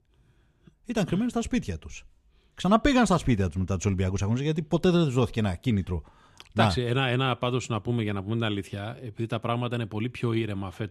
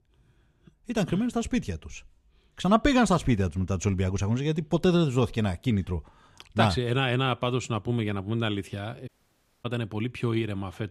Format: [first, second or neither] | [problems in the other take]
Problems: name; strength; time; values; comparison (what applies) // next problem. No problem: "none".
first | audio cutting out; at 9 s for 0.5 s